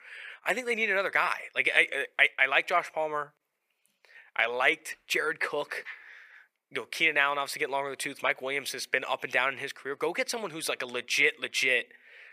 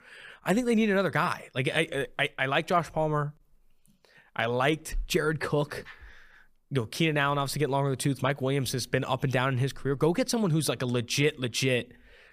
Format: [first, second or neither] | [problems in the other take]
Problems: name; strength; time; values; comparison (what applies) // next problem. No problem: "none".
second | thin; very; fading below 550 Hz